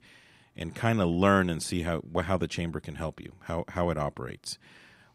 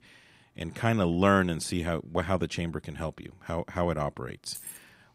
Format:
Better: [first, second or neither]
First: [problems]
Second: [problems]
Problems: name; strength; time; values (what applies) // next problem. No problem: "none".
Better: first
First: none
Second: jangling keys; faint; at 4.5 s; peak 10 dB below the speech